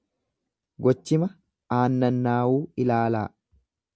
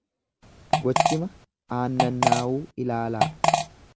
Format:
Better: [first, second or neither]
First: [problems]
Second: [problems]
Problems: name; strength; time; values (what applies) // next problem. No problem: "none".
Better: first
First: none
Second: background sound (Fart); 4 dB above the speech